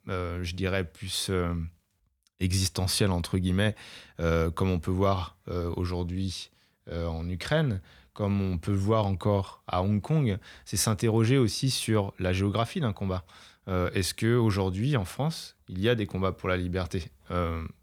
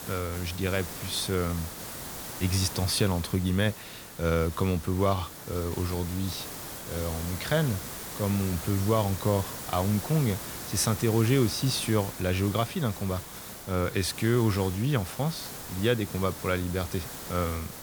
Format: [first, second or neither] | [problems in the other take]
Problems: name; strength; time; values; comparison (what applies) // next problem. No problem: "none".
first | hiss; loud; throughout; 9 dB below the speech